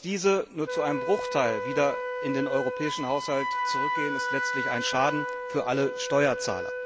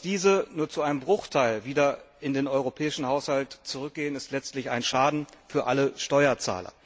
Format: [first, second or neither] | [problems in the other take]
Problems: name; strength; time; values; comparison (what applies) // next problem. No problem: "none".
second | background sound (Wind instrument, woodwind instrument); 3 dB below the speech